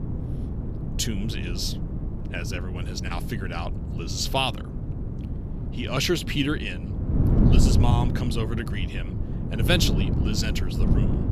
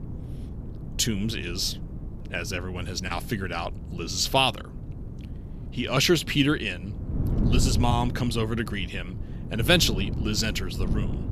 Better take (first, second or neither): second